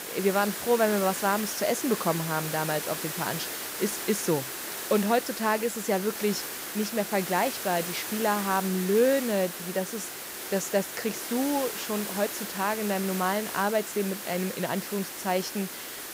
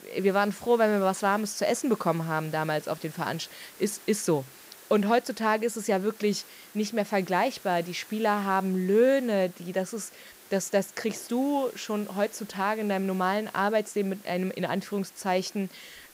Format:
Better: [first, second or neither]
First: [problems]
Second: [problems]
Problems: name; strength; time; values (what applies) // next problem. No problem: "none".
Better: second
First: hiss; loud; throughout; 5 dB below the speech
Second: hiss; faint; throughout; 20 dB below the speech